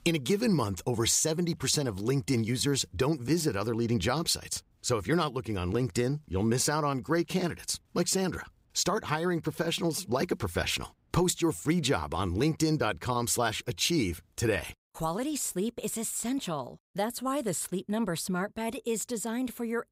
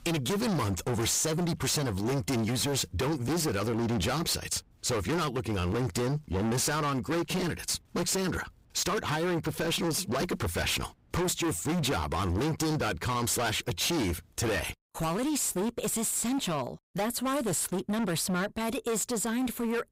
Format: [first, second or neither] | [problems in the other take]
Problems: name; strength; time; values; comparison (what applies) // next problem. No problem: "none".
first | distortion; heavy; 31% of the sound clipped